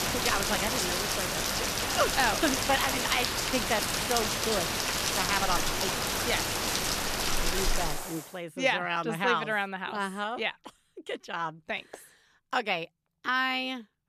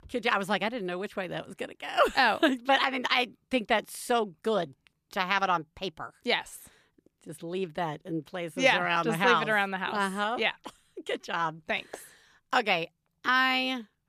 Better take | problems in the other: second | rain or running water; very loud; until 8 s; 3 dB above the speech

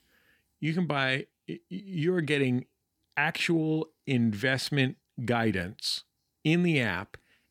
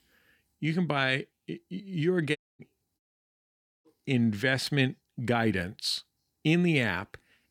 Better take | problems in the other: first | audio cutting out; at 2.5 s and at 3 s for 1 s

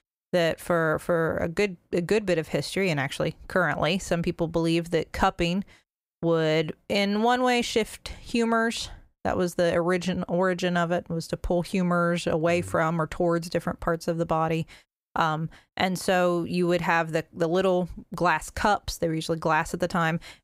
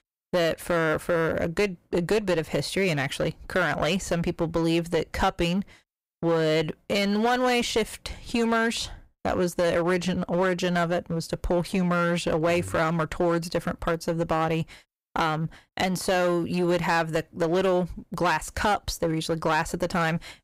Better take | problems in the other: first | distortion; slight; 10% of the sound clipped

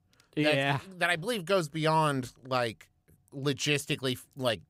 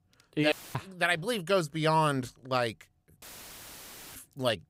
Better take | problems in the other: first | audio cutting out; filled with static; at 0.5 s and at 3 s for 1 s

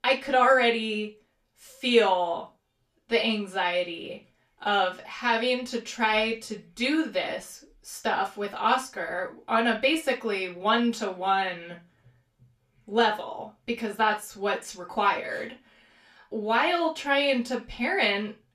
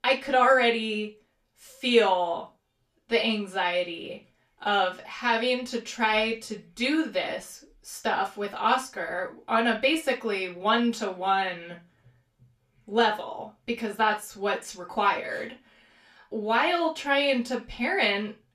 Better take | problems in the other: neither | room echo; slight; dies away in 0.2 s; the same in both // off-mic speech; far; the same in both

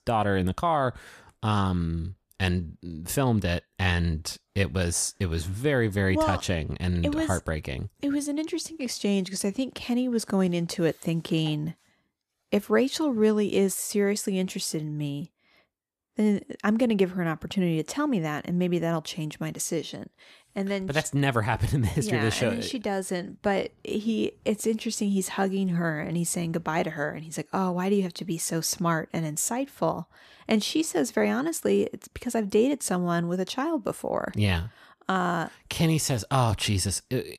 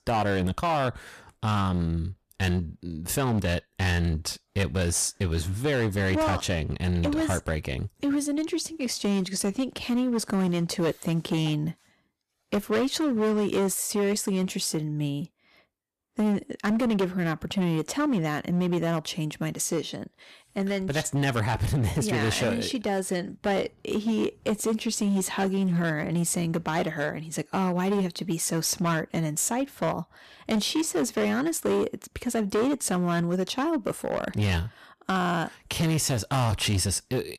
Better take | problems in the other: first | distortion; slight; 12% of the sound clipped

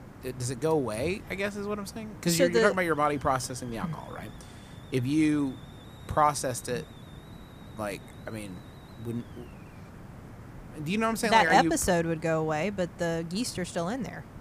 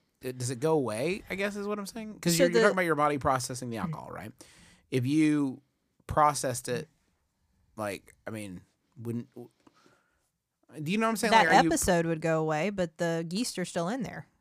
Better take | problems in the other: second | hiss; noticeable; throughout; 20 dB below the speech

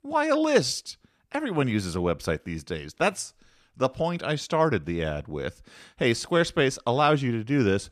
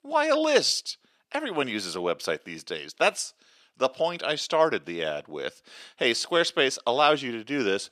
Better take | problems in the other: first | thin; somewhat; fading below 350 Hz

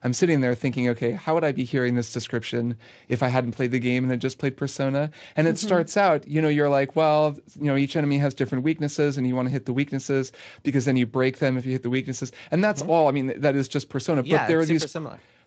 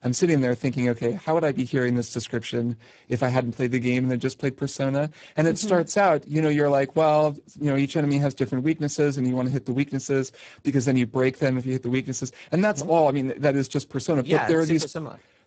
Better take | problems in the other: first | garbled, watery; badly; nothing above 7.5 kHz; slightly in the first

